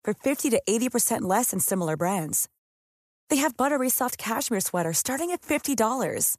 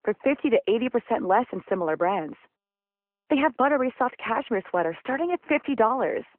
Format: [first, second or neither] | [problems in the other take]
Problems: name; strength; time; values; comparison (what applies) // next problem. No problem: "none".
first | phone-call audio